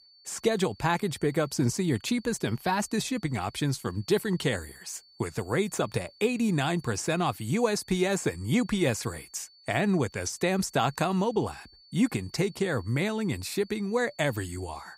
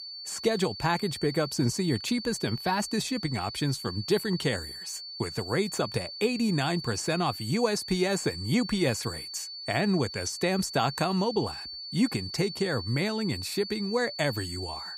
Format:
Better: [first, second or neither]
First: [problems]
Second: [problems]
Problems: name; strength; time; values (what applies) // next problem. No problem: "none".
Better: first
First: high-pitched whine; faint; throughout; 4.5 kHz, 25 dB below the speech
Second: high-pitched whine; loud; throughout; 4.5 kHz, 8 dB below the speech